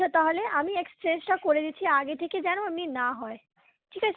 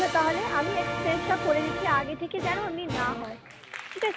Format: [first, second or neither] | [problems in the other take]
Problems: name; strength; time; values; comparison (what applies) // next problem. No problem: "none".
first | background sound (Applause); 4 dB below the speech